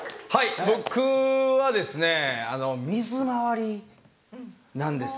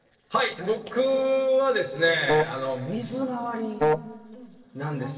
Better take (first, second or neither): first